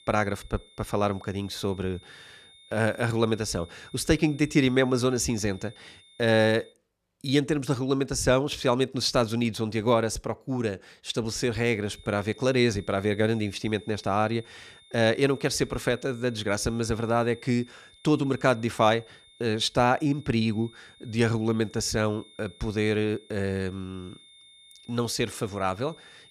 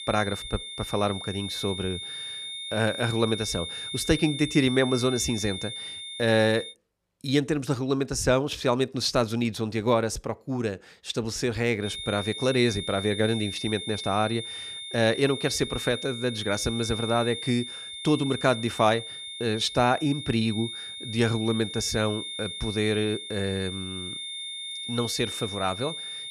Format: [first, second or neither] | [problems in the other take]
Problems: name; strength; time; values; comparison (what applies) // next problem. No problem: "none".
first | high-pitched whine; loud; until 6.5 s and from 12 s on; 3.5 kHz, 7 dB below the speech; faint in the first